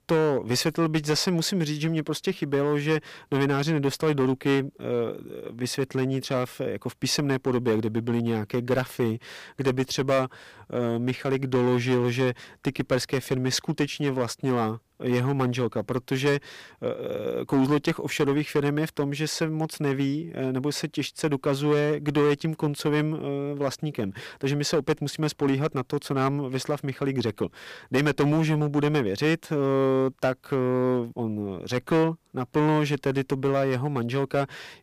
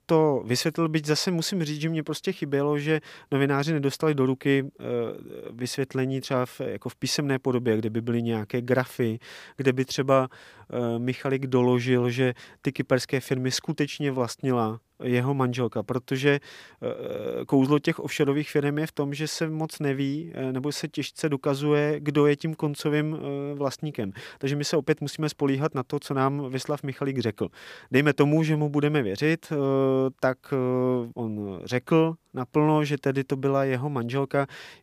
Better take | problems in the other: second | distortion; slight; 5% of the sound clipped

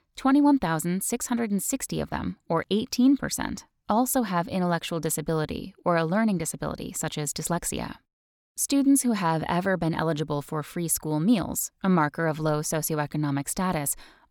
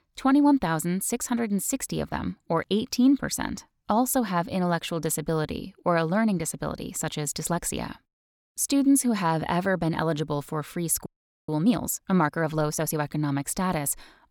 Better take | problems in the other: first | audio freezing; at 11 s

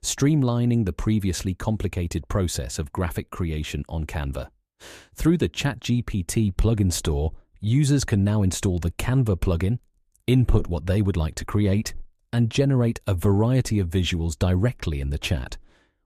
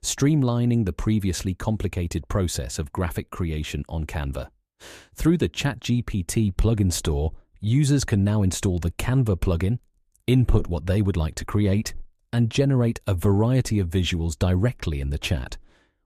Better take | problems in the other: neither | none

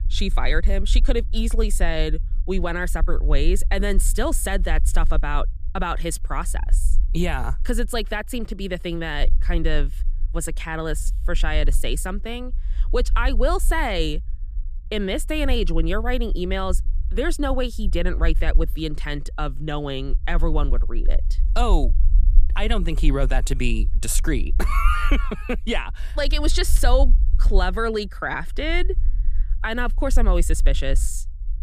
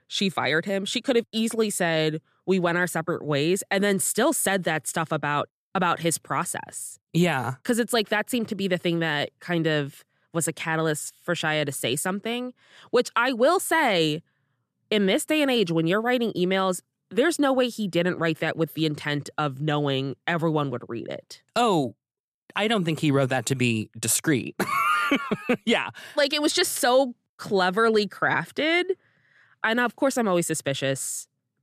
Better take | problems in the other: second | low rumble; faint; throughout; 25 dB below the speech

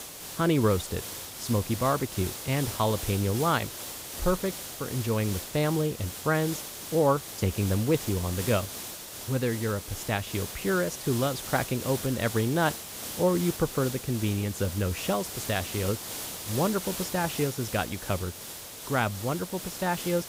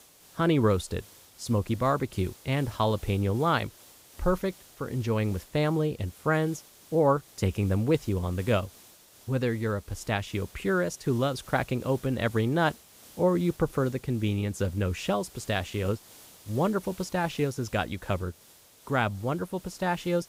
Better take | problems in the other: second | hiss; loud; throughout; 7 dB below the speech; faint in the second

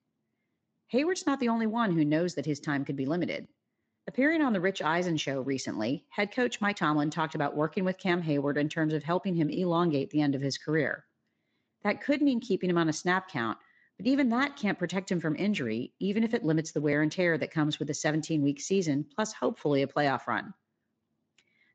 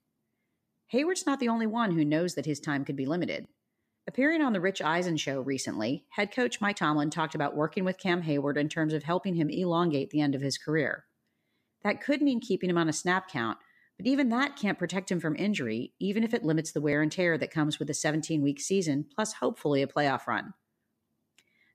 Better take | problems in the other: second | garbled, watery; slightly; nothing above 7.5 kHz

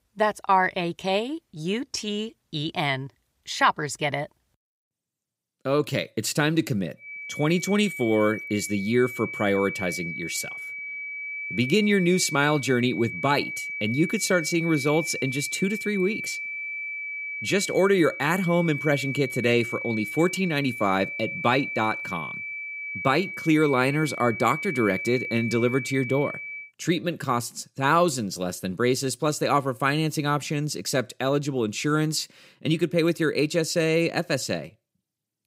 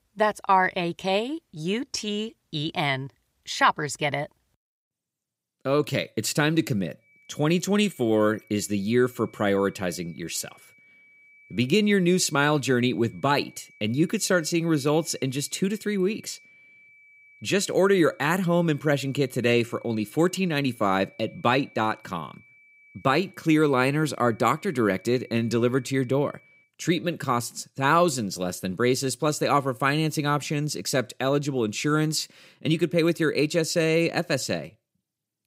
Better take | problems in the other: second | high-pitched whine; loud; from 7 to 27 s; 2.5 kHz, 7 dB below the speech; faint in the second

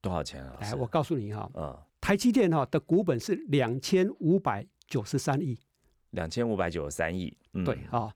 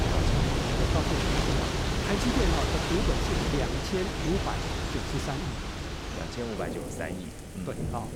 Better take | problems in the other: first | rain or running water; very loud; throughout; 5 dB above the speech

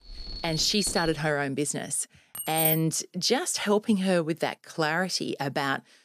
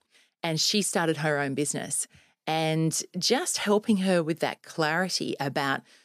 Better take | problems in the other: second | alarm; noticeable; until 1 s; peak 6 dB below the speech // jangling keys; loud; at 2.5 s; peak 2 dB above the speech

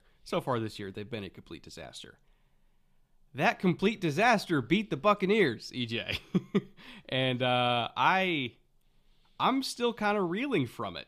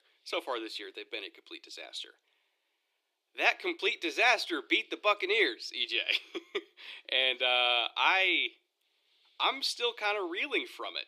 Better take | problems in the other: first | thin; very; fading below 300 Hz

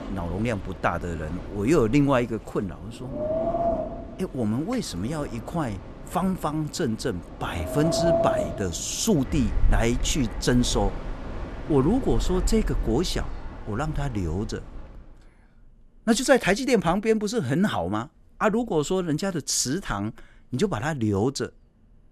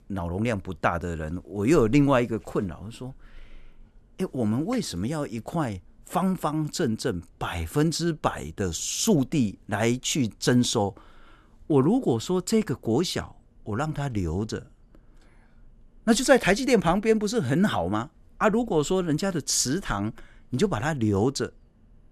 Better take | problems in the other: second | wind in the background; loud; until 15 s; 6 dB below the speech

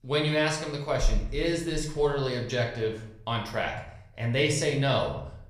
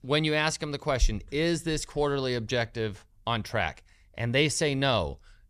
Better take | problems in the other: second | room echo; slight; dies away in 0.6 s // off-mic speech; far

